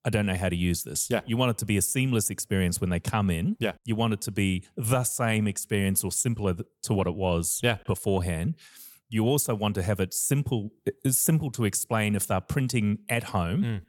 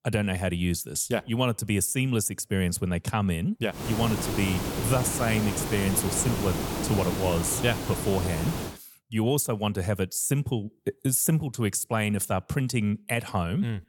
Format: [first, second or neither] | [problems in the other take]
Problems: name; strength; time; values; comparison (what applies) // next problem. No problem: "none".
first | hiss; loud; from 4 to 8.5 s; 4 dB below the speech